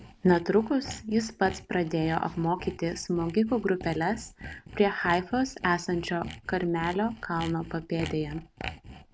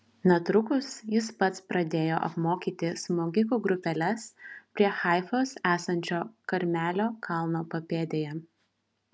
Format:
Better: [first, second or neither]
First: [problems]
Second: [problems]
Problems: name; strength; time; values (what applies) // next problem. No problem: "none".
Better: second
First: background sound (Sawing); 15 dB below the speech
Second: none